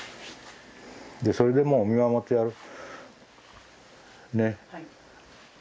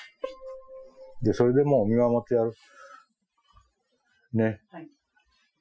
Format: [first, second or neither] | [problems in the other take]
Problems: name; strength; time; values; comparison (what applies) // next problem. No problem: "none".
first | noise reduction (classical method Wiener filter)